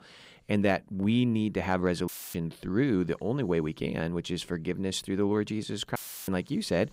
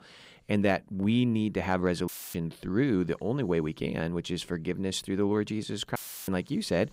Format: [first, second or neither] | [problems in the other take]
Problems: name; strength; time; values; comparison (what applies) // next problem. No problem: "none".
neither | audio cutting out; filled with static; at 2 s and at 6 s; the same in both